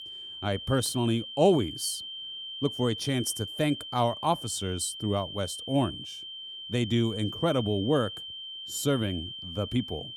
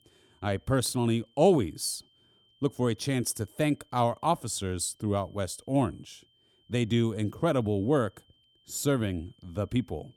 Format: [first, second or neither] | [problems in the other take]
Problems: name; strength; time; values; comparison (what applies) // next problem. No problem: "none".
second | high-pitched whine; loud; throughout; 3 kHz, 8 dB below the speech; faint in the second